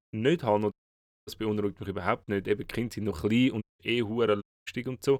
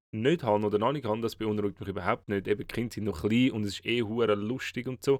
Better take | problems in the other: second | audio cutting out; at 0.5 s for 0.5 s, at 3.5 s and at 4.5 s

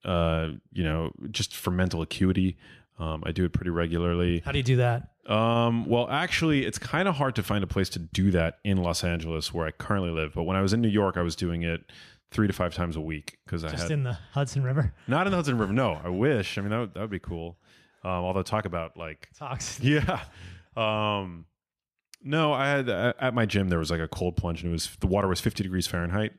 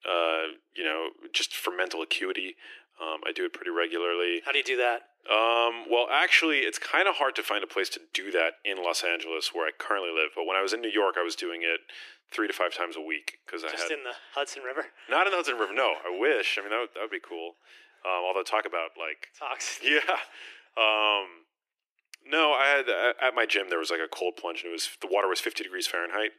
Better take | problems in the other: first | thin; very; fading below 300 Hz

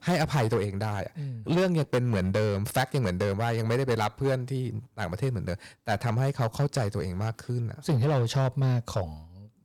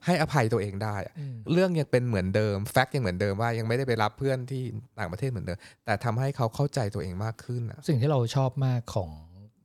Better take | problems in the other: second | distortion; slight; 8% of the sound clipped

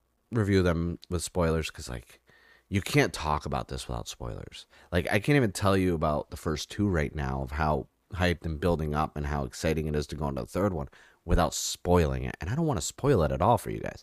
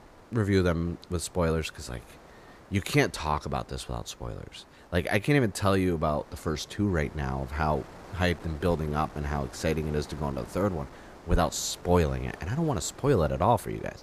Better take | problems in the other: first | wind noise on the microphone; occasional gusts; 20 dB below the speech

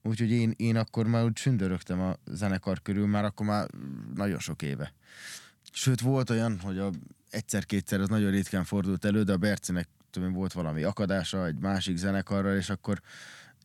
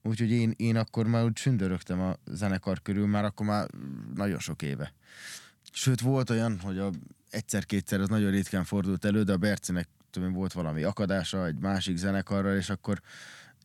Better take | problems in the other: neither | none

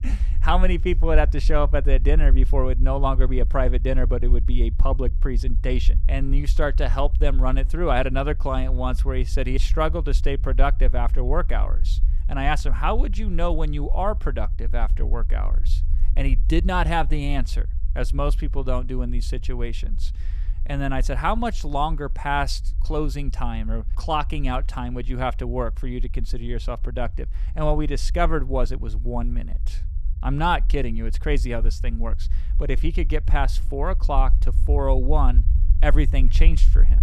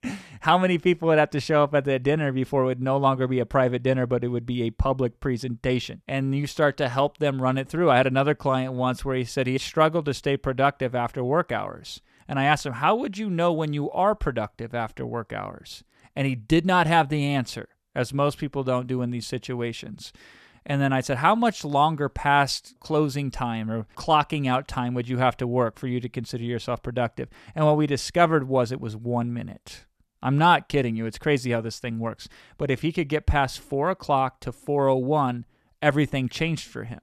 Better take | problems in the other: second | low rumble; faint; throughout; 20 dB below the speech

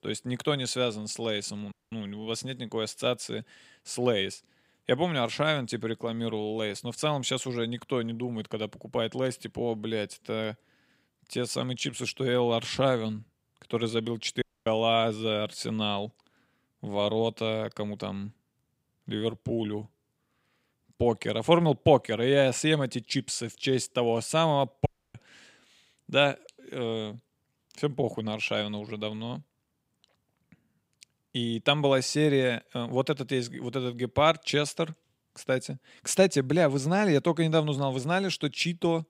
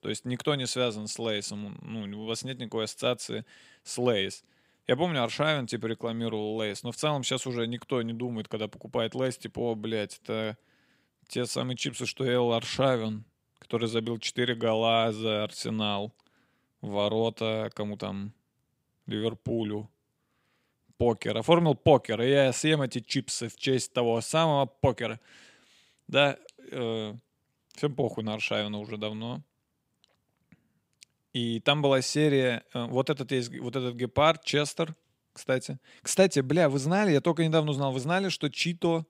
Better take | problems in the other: second | audio cutting out; at 1.5 s, at 14 s and at 25 s

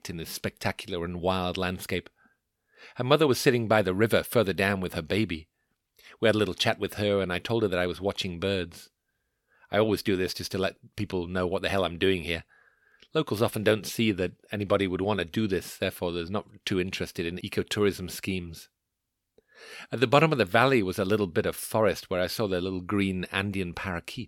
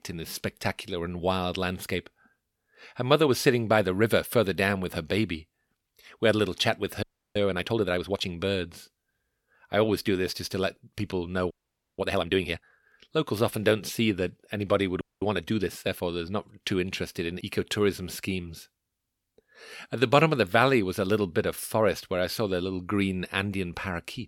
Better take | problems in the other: first | audio freezing; at 7 s, at 12 s and at 15 s

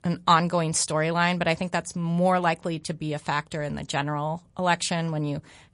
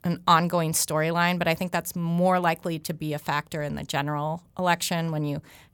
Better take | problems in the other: second | garbled, watery; slightly; nothing above 10.5 kHz

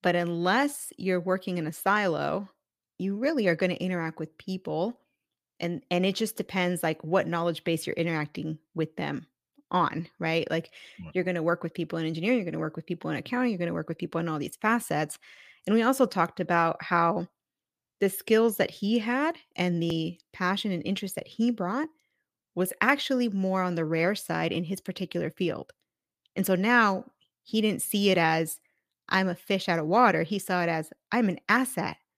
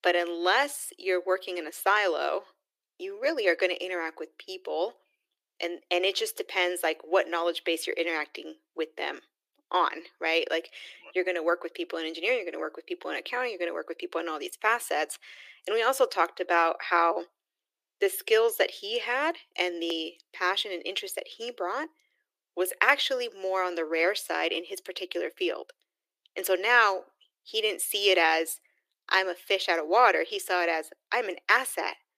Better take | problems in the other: first | thin; very; fading below 350 Hz

